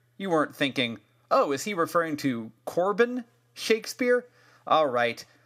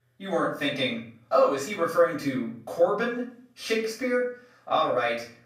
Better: first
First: none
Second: room echo; noticeable; dies away in 0.4 s // off-mic speech; far

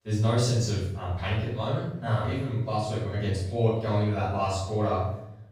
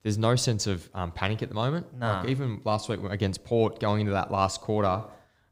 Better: second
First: off-mic speech; far // room echo; strong; dies away in 0.7 s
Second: none

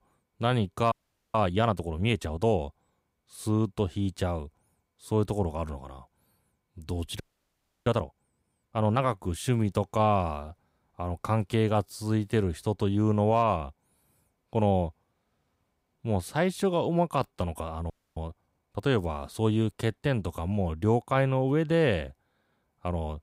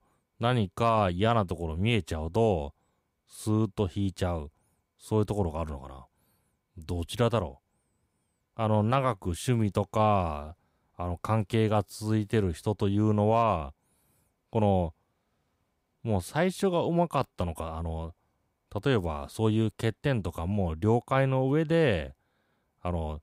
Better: second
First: audio freezing; at 1 s, at 7 s for 0.5 s and at 18 s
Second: none

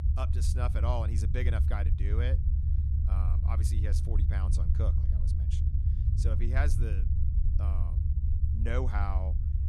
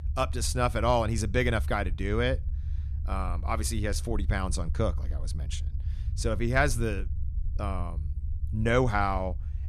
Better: second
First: low rumble; loud; throughout; 5 dB below the speech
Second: low rumble; faint; throughout; 20 dB below the speech

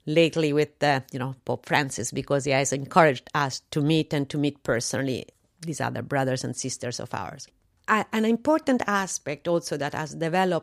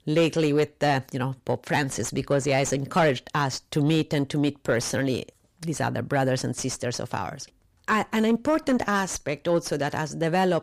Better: first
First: none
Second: distortion; slight; 10 dB below the speech

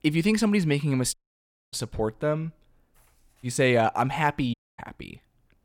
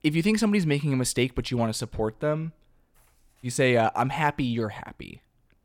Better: second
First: audio cutting out; at 1 s for 0.5 s and at 4.5 s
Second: none

